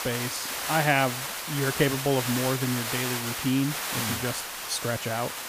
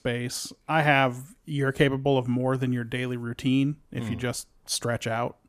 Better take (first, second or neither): second